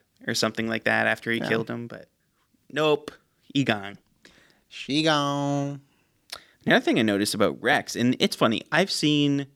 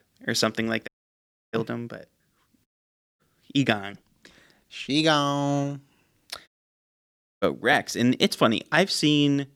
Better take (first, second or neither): first